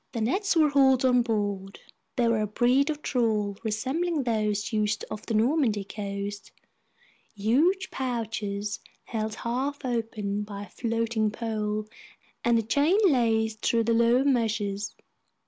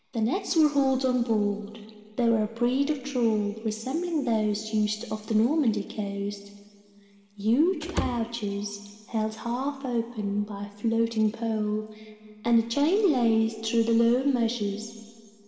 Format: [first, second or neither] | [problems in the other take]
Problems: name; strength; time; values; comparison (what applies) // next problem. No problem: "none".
first | background sound (Slam / Wood); 6 dB below the speech // room echo; dies away in 2.2 s